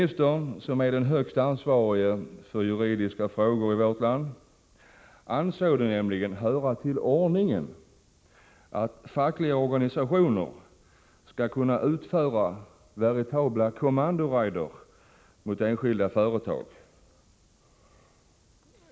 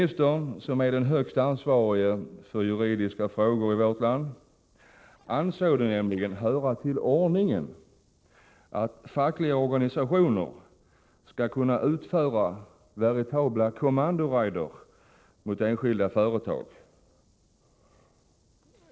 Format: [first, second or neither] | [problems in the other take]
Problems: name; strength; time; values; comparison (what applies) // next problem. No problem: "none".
first | noise reduction (neural separator model SepFormer DNS4)